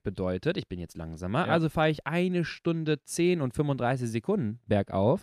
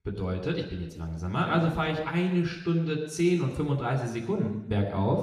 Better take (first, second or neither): first